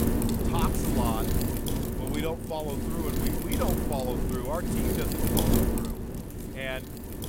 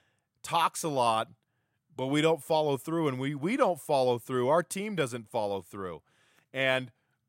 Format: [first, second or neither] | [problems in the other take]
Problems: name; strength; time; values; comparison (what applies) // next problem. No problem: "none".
second | wind noise on the microphone; heavy; 1 dB above the speech